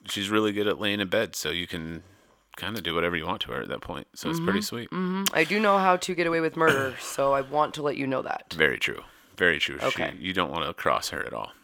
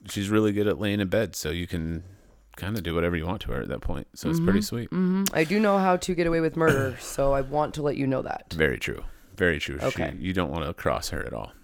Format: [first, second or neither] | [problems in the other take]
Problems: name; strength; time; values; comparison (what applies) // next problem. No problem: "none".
second | thin; very slightly; fading below 600 Hz